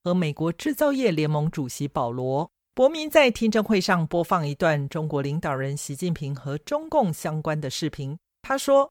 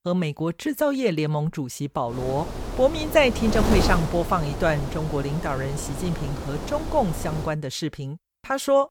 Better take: first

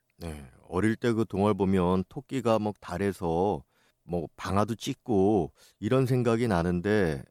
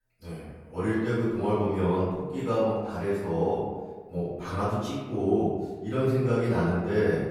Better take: first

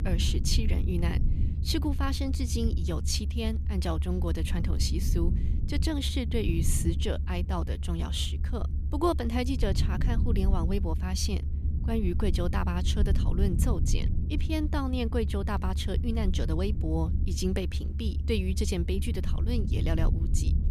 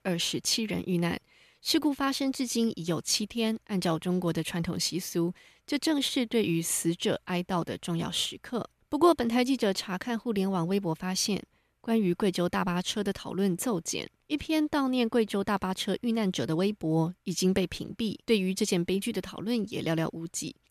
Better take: second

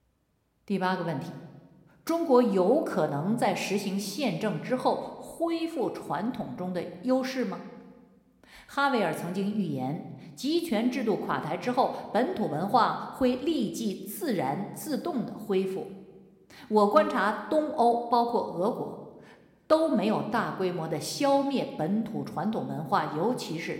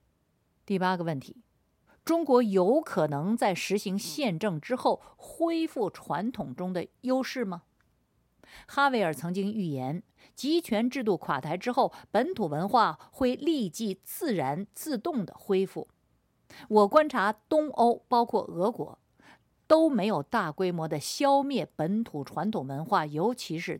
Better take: second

